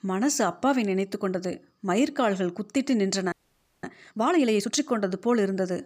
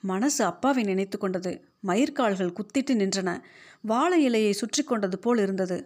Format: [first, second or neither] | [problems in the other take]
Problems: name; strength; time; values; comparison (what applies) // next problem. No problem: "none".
second | audio freezing; at 3.5 s for 0.5 s